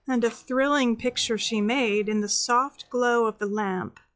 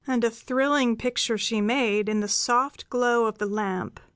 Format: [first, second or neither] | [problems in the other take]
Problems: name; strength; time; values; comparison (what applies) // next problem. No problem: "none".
second | noise reduction (classical method log-MMSE)